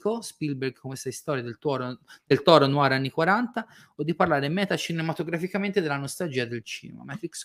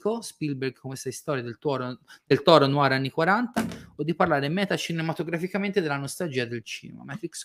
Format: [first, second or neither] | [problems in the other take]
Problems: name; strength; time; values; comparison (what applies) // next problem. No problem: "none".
first | phone ringing; noticeable; at 3.5 s; peak 7 dB below the speech